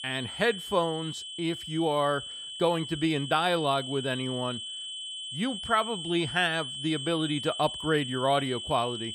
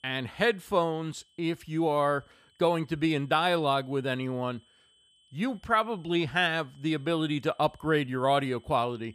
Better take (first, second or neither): second